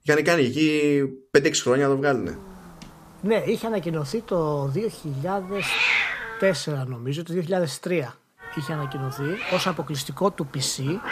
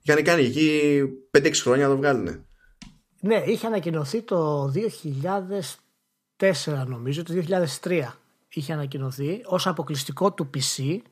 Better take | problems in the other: second | hiss; loud; from 2 to 6.5 s and from 8.5 s on; 2 dB below the speech

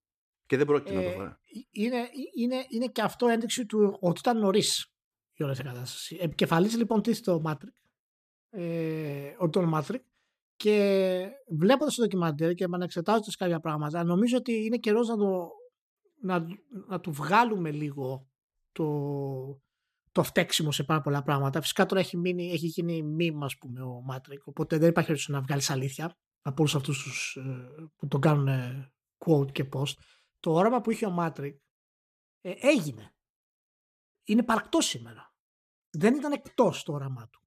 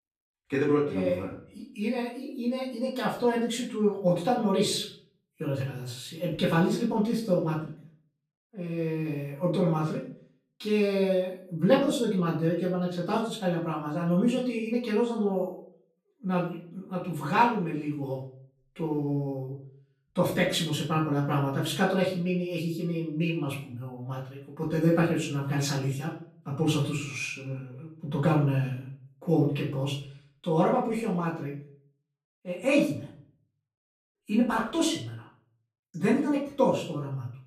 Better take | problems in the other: first | room echo; slight; dies away in 0.4 s // off-mic speech; far

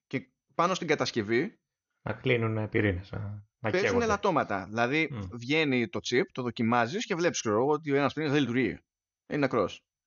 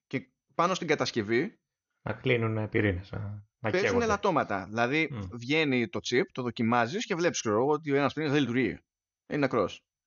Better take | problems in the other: neither | garbled, watery; slightly; nothing above 6.5 kHz; the same in both

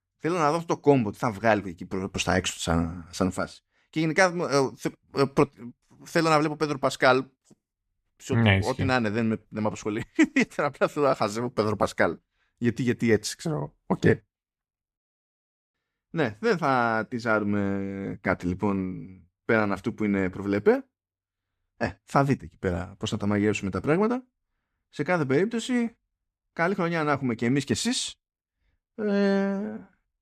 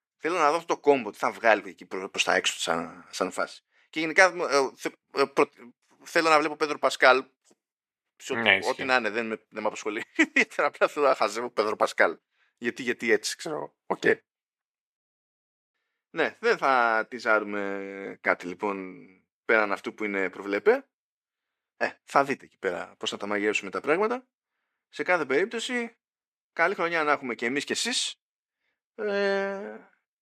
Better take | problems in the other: first | thin; somewhat; fading below 450 Hz

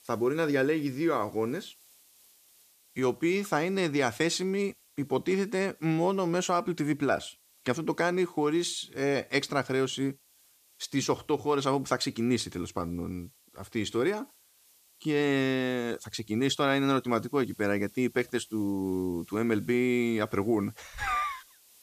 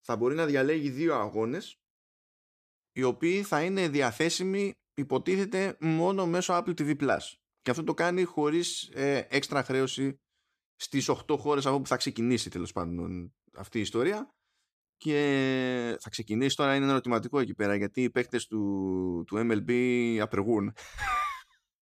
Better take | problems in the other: second | hiss; faint; throughout; 30 dB below the speech

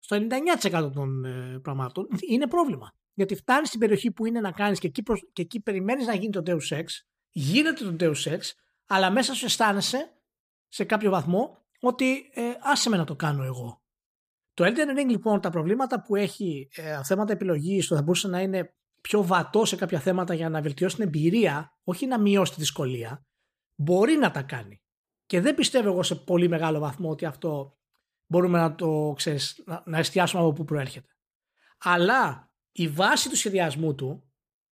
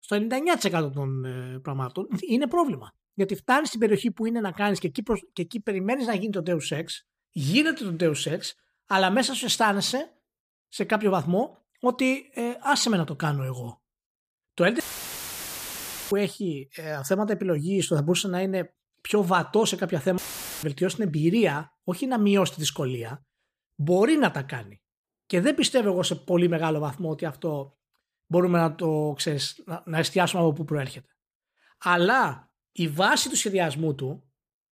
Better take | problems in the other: first | audio cutting out; filled with static; at 15 s for 1.5 s and at 20 s

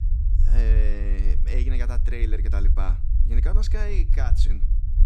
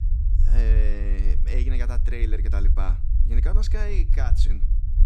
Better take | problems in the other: neither | low rumble; loud; throughout; 8 dB below the speech; the same in both

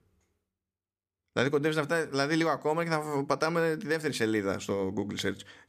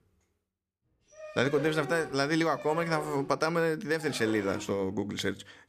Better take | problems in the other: first | dog barking; noticeable; from 1 to 4.5 s; peak 9 dB below the speech

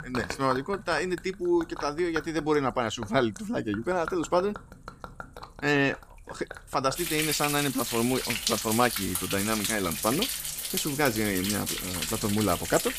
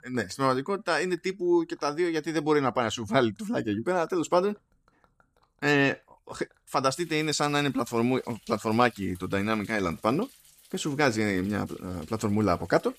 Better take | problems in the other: second | rain or running water; loud; throughout; 3 dB below the speech; faint in the second

